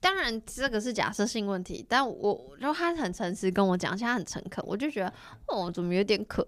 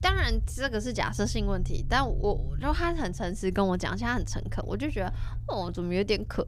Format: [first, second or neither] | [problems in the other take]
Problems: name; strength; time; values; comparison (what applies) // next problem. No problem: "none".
first | low rumble; faint; throughout; 20 dB below the speech